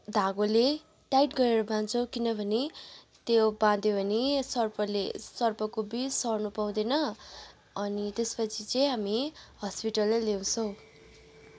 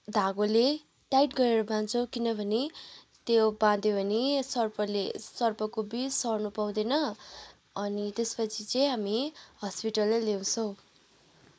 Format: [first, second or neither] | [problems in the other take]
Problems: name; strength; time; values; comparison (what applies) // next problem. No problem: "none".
first | noise reduction (neural mask model Resemble Enhance denoiser)